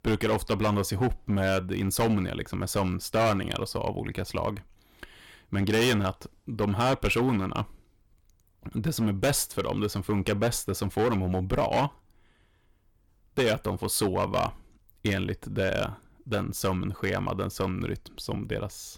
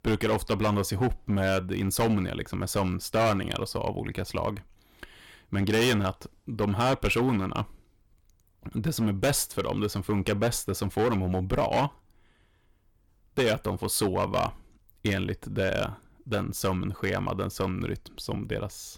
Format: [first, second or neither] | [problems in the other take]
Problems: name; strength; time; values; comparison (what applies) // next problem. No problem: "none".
neither | distortion; heavy; 6% of the sound clipped; the same in both